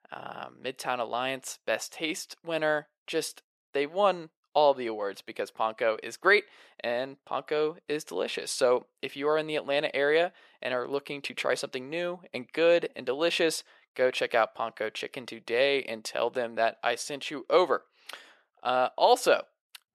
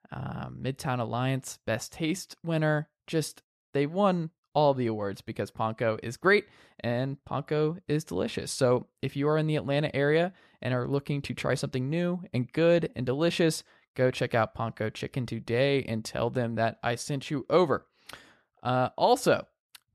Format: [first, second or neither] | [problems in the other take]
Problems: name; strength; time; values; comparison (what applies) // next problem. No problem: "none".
second | thin; somewhat; fading below 500 Hz